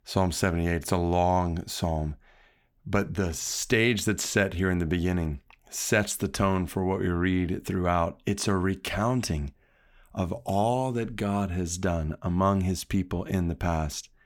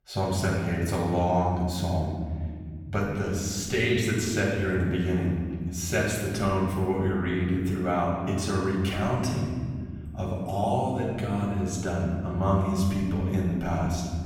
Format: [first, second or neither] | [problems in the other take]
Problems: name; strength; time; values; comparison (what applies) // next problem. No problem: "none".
first | off-mic speech; far // room echo; noticeable; dies away in 2.3 s